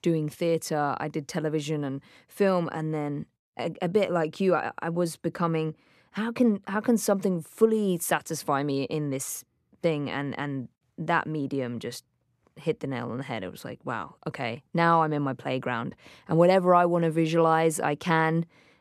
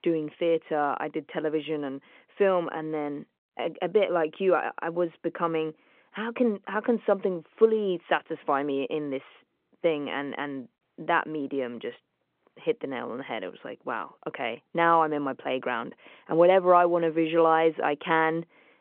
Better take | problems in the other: first | phone-call audio

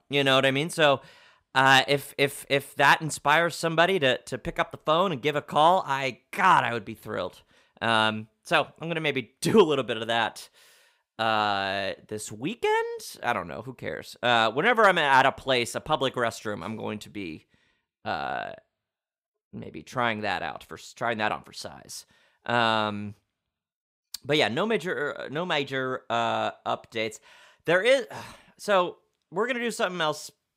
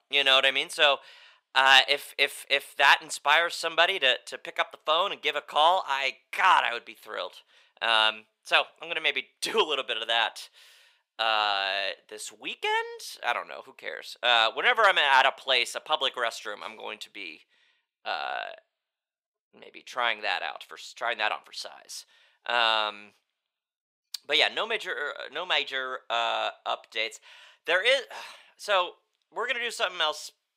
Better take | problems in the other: first | thin; very; fading below 650 Hz

